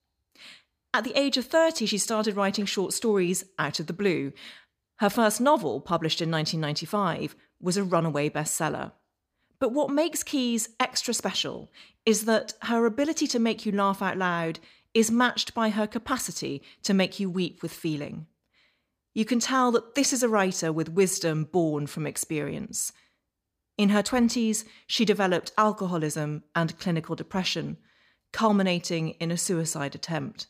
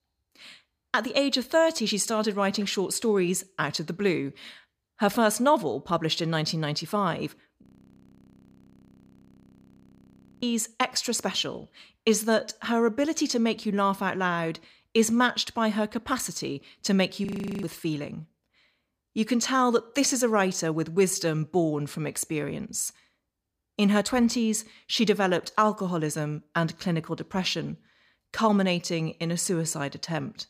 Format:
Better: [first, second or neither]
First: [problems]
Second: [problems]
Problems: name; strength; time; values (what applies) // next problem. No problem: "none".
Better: first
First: none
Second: audio freezing; at 7.5 s for 3 s and at 17 s